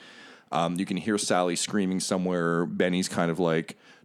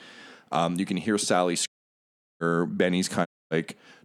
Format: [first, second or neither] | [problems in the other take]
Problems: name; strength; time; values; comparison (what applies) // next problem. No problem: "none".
first | audio cutting out; at 1.5 s for 0.5 s and at 3.5 s